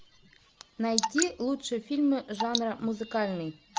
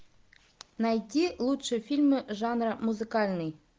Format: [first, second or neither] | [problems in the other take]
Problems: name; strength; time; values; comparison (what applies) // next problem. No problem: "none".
second | background sound (Drip / Water); 6 dB below the speech